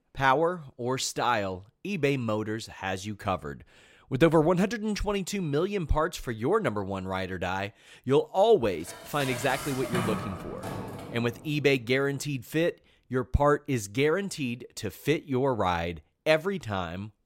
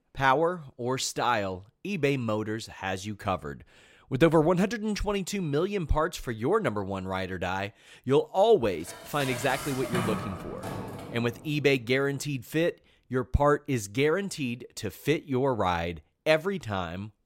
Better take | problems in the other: neither | clattering dishes; noticeable; from 9 to 11 s; peak 3 dB below the speech; the same in both

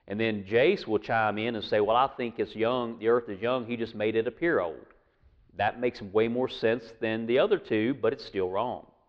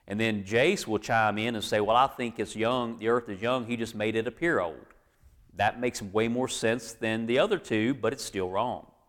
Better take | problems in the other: second | muffled; very slightly; fading above 4.5 kHz

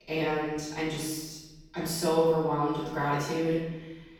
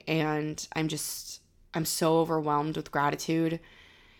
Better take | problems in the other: second | off-mic speech; far // room echo; strong; dies away in 1 s

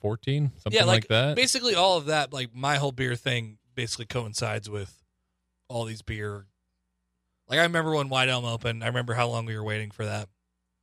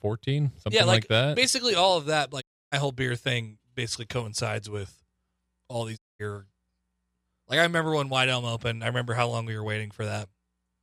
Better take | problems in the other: first | audio cutting out; at 2.5 s and at 6 s

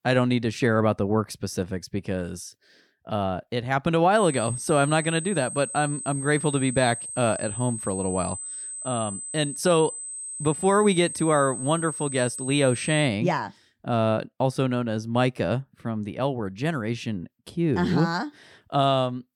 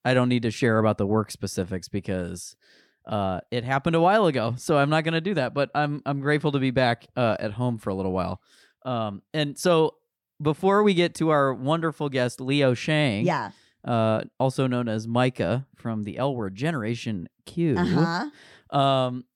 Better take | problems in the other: second | high-pitched whine; loud; from 4 to 13 s; 8 kHz, 7 dB below the speech

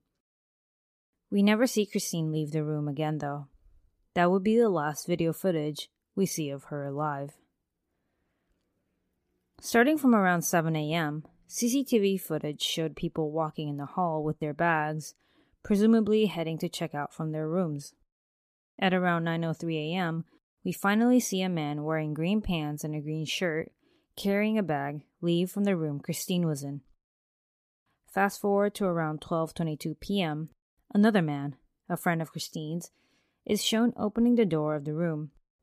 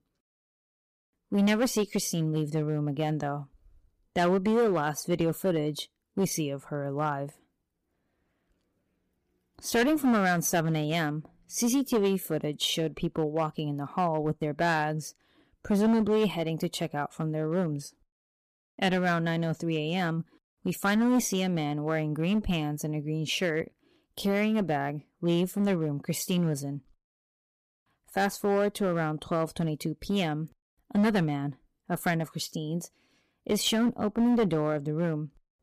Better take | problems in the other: first | distortion; slight; 6% of the sound clipped

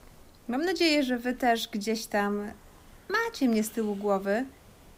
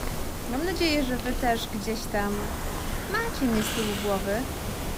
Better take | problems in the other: first | hiss; loud; throughout; 4 dB below the speech; faint in the first

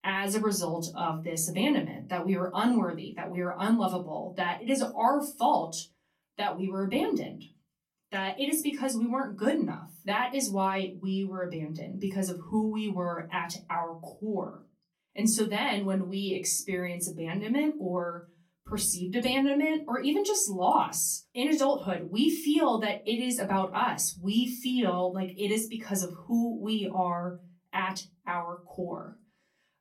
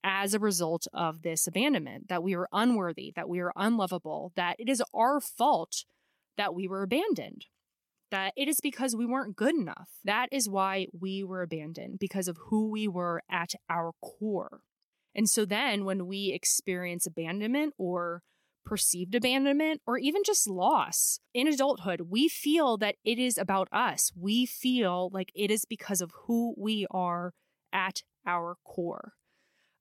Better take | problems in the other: second | off-mic speech; far // room echo; very slight; dies away in 0.3 s

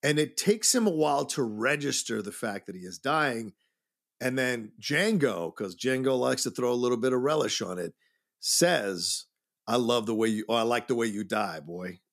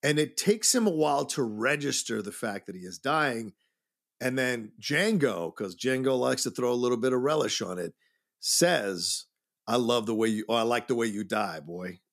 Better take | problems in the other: neither | none

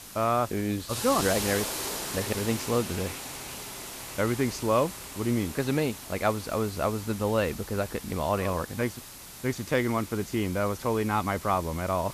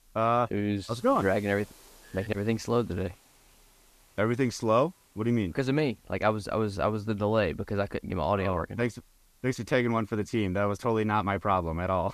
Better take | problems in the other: second | hiss; loud; throughout; 8 dB below the speech; faint in the second

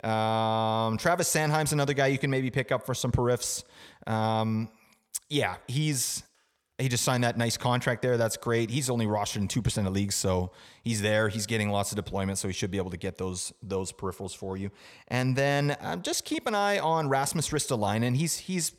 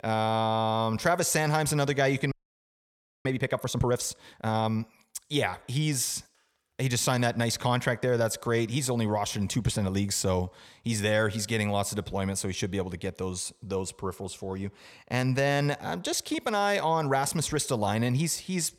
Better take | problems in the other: first | audio freezing; at 2.5 s for 1 s

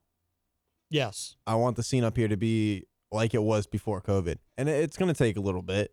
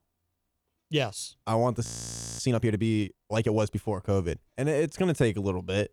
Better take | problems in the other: first | audio freezing; at 2 s for 0.5 s

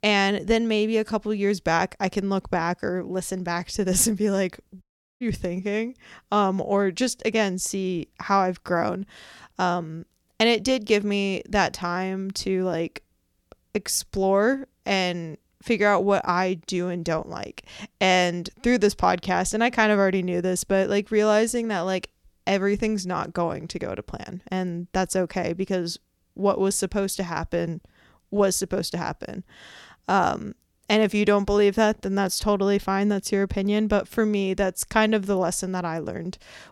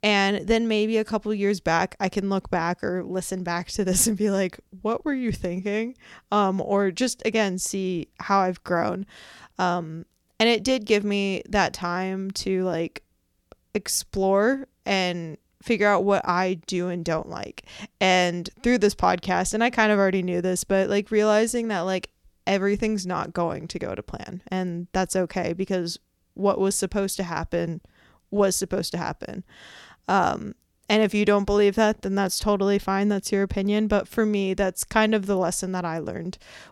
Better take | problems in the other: second | audio cutting out; at 5 s

